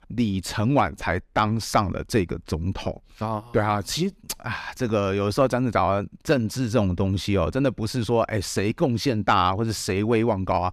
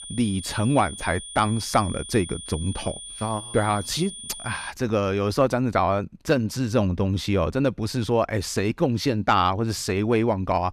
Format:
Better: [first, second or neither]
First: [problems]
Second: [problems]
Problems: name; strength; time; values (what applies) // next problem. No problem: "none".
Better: first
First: none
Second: high-pitched whine; noticeable; until 4.5 s; 9 kHz, 10 dB below the speech